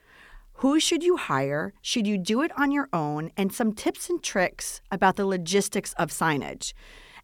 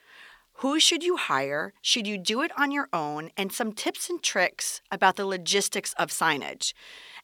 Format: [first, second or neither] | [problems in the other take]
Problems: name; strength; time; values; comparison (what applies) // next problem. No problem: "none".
first | thin; very slightly; fading below 1 kHz